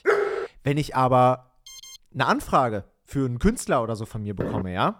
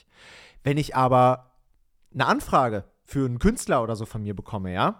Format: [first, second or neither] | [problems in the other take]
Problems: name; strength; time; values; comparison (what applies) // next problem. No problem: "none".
second | dog barking; loud; at the start; peak 2 dB above the speech // alarm; faint; at 1.5 s; peak 15 dB below the speech // door banging; noticeable; at 4.5 s; peak 6 dB below the speech